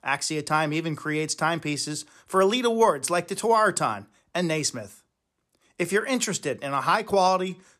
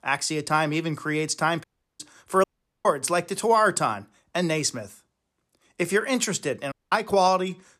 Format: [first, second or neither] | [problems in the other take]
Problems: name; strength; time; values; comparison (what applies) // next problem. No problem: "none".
first | audio cutting out; at 1.5 s, at 2.5 s and at 6.5 s